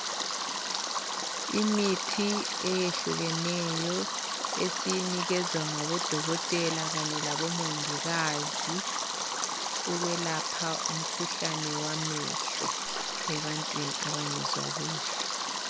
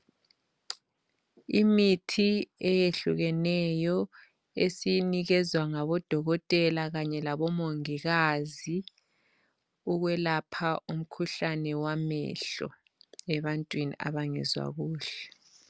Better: second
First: background sound (Stream); 1 dB above the speech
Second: none

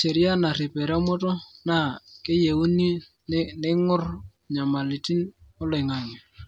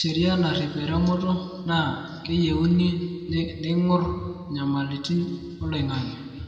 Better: first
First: none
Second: room echo; dies away in 2.3 s

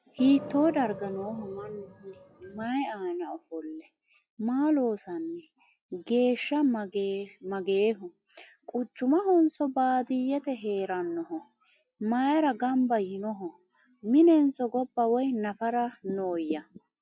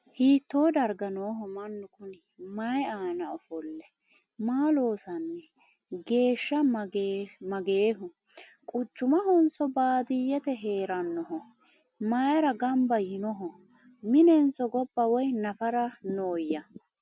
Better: second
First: noise reduction (classical method log-MMSE)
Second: none

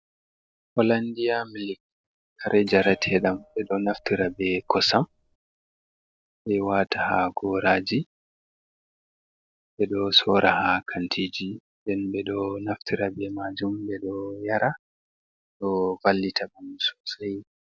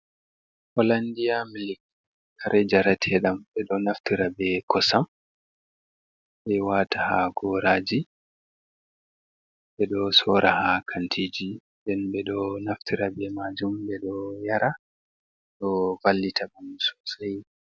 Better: second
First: noise reduction (neural separator model SepFormer DNS4)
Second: none

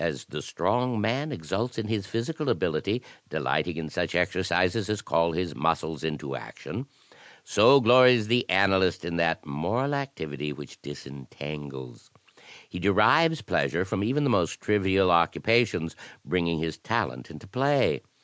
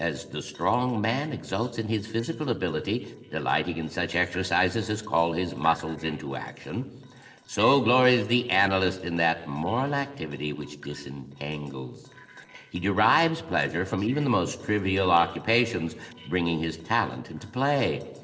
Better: first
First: none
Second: noise reduction (neural separator model SepFormer DNS4)

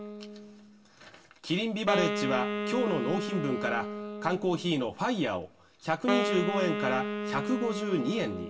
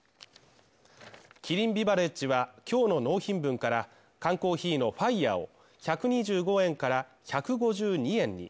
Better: second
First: background sound (Wind instrument, woodwind instrument); 3 dB below the speech // room echo; dies away in 0.2 s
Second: none

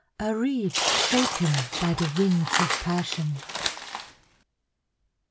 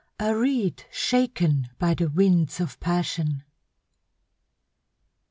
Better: second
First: background sound (Tearing); 1 dB below the speech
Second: none

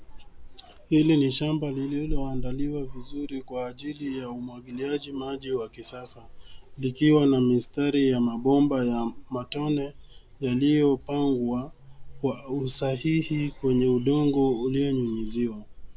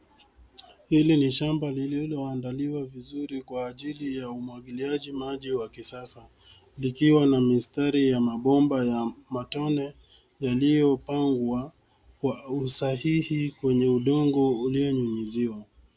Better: second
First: background sound (Dog); 12 dB below the speech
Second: none

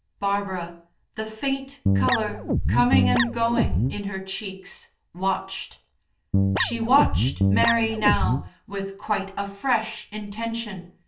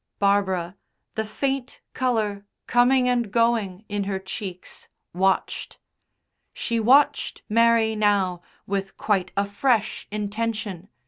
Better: second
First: background sound (Guitar); 4 dB above the speech // room echo; dies away in 0.3 s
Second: none

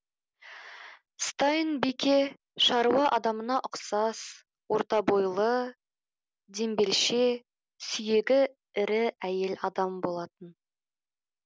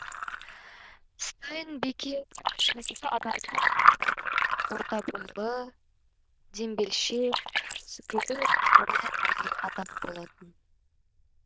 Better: first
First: none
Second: noise reduction (neural diffusion model UNIVERSE++)

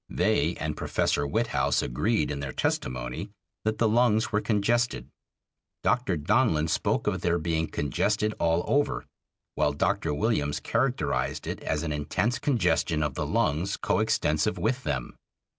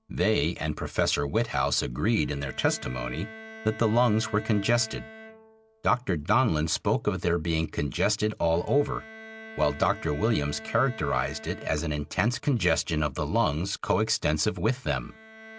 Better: first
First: none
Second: background sound (Bowed string instrument); 19 dB below the speech

